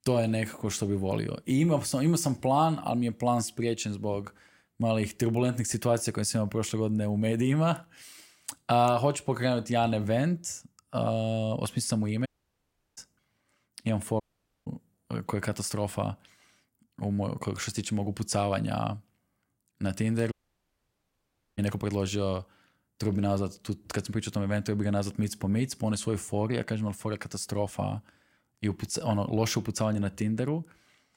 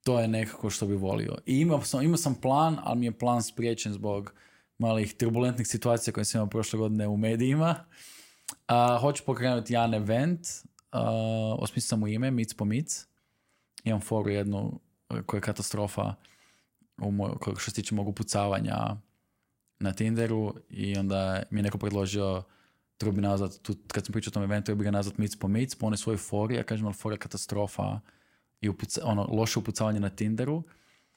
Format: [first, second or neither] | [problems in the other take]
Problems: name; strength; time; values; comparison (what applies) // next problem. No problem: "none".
second | audio cutting out; at 12 s for 0.5 s, at 14 s and at 20 s for 1.5 s